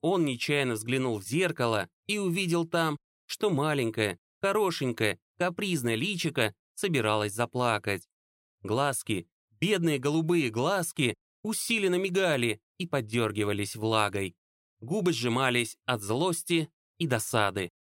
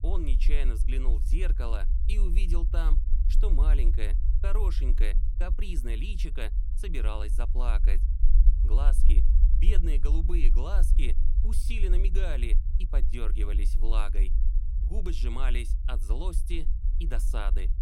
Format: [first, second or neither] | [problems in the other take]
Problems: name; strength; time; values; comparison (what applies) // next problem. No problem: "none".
first | low rumble; loud; throughout; 10 dB below the speech